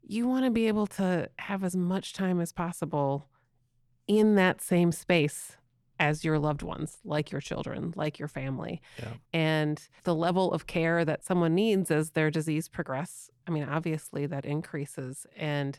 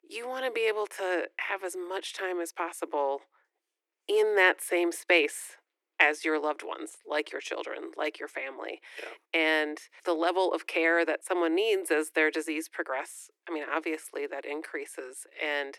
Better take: first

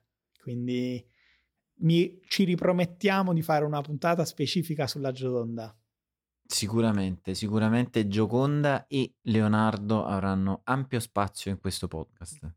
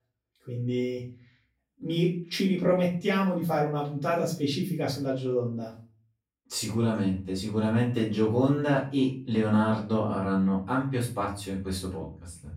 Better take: first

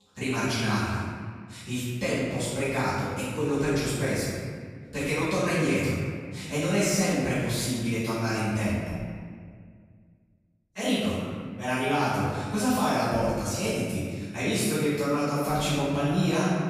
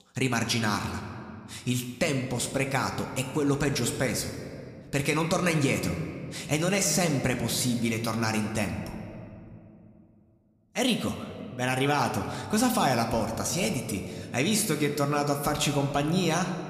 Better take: second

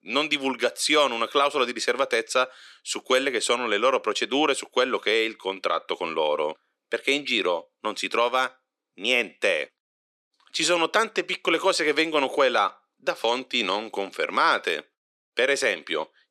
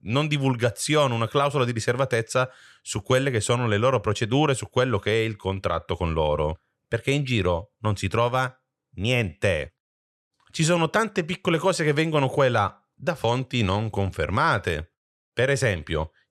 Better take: second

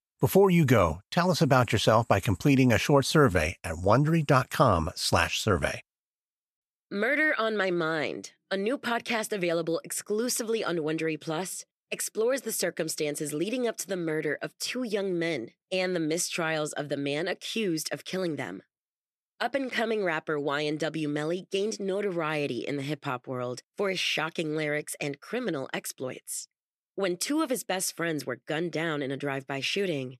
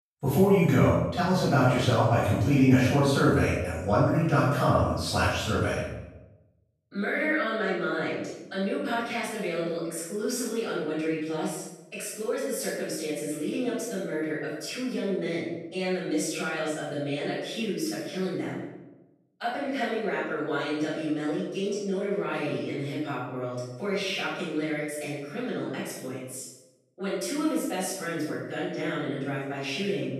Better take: first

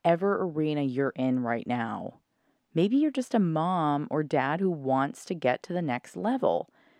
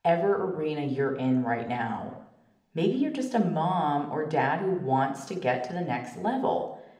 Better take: first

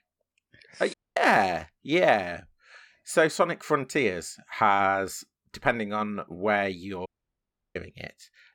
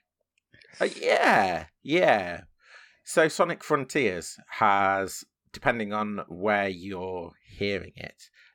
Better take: second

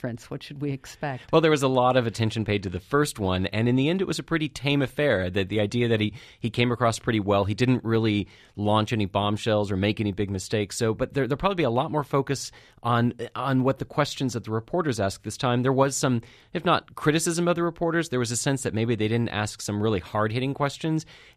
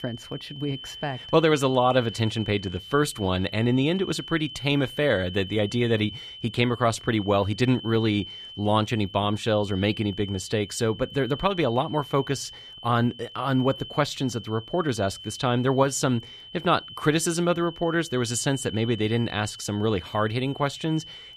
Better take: first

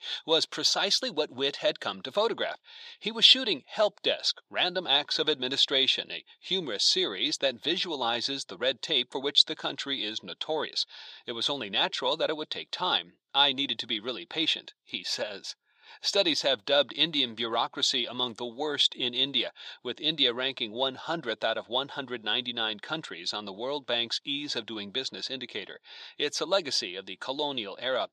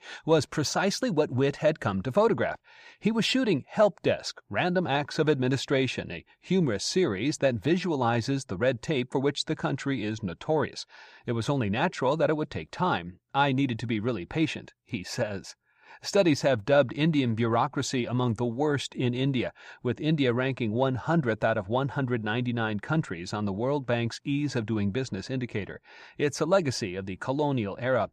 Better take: second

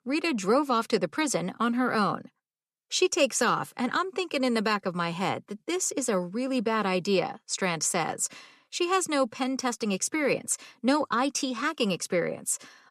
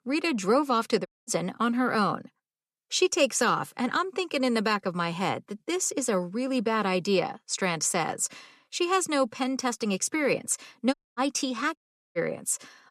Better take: first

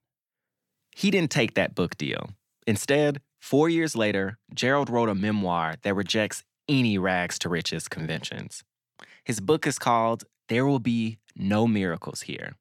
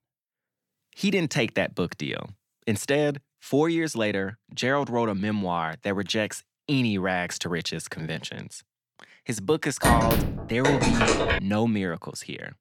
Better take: first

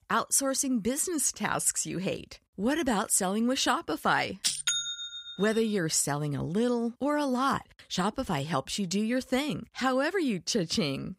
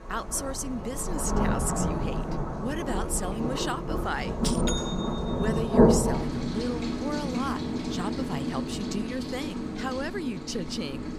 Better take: first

